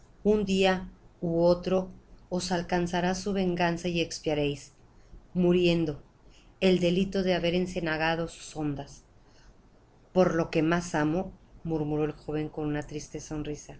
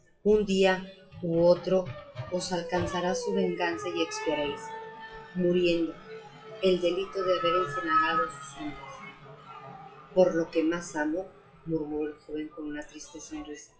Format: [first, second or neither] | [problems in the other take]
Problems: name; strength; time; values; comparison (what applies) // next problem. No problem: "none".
first | noise reduction (classical method WPE with log-MMSE)